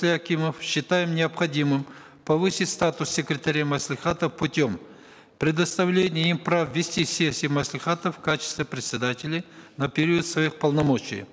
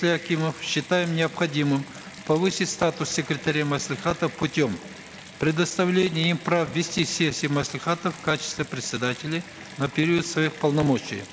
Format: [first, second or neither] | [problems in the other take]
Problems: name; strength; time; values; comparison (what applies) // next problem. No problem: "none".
first | background sound (Bathtub (filling or washing) / Water tap, faucet); 17 dB below the speech